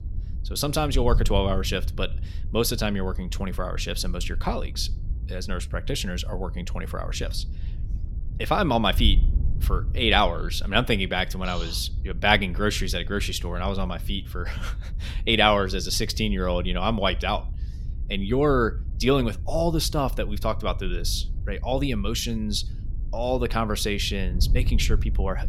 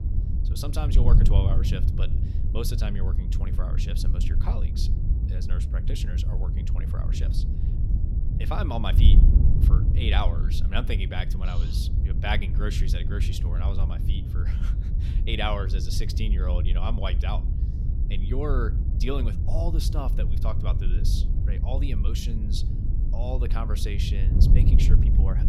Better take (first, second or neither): first